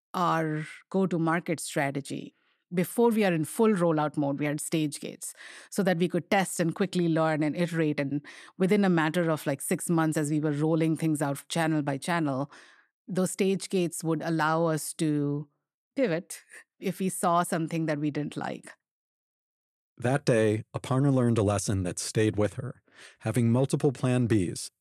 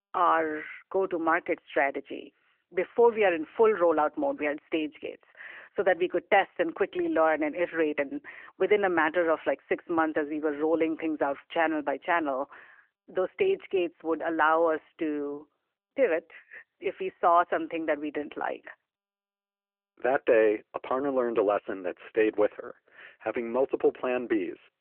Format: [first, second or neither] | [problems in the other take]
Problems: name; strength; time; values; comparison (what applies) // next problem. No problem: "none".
first | phone-call audio; nothing above 3 kHz